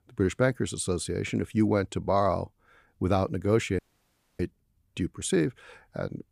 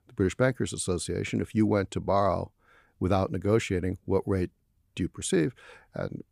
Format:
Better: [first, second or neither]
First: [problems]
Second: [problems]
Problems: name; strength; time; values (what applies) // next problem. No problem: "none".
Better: second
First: audio cutting out; at 4 s for 0.5 s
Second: none